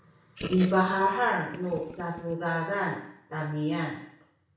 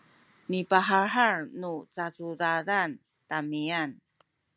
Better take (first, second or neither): second